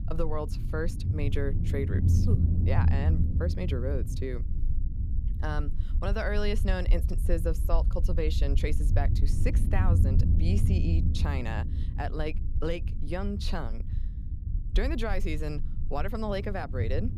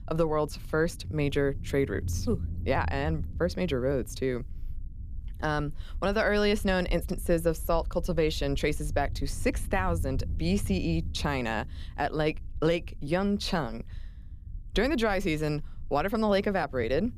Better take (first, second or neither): second